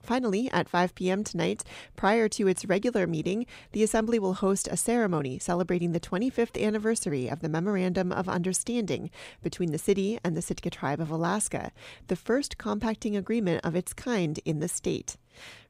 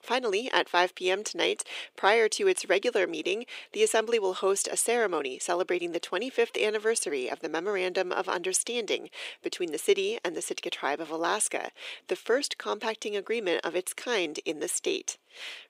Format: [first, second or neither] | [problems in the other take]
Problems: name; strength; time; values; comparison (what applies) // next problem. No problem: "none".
first | thin; very; fading below 350 Hz